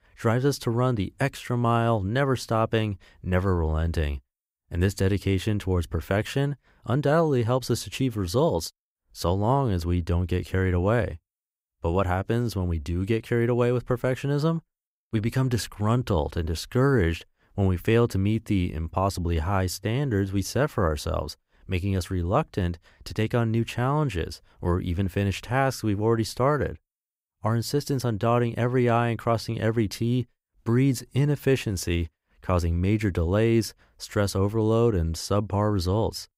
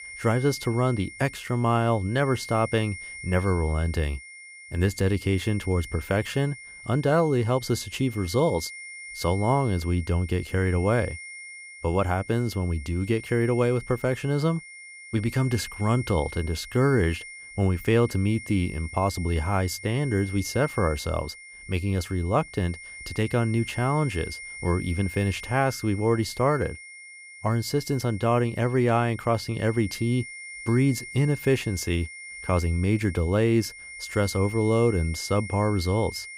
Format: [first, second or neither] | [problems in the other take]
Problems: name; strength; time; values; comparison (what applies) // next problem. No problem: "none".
first | high-pitched whine; noticeable; throughout; 2 kHz, 15 dB below the speech